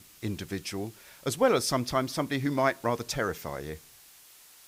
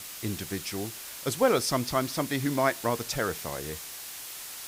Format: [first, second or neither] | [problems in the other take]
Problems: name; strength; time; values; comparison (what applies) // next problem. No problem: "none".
first | hiss; loud; throughout; 9 dB below the speech; faint in the first